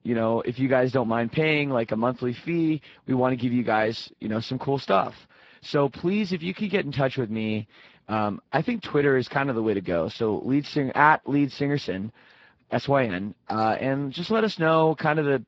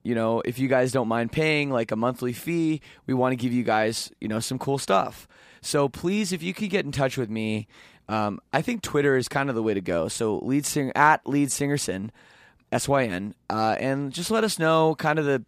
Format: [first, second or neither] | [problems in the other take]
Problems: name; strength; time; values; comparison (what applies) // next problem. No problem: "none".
second | garbled, watery; badly